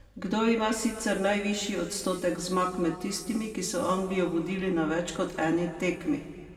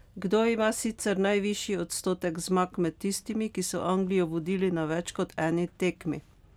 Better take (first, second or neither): second